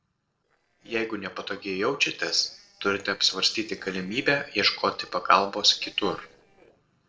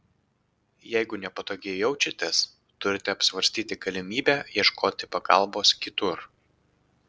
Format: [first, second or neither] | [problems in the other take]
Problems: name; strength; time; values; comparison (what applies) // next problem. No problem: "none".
second | noise reduction (neural separator model SepFormer DNS4)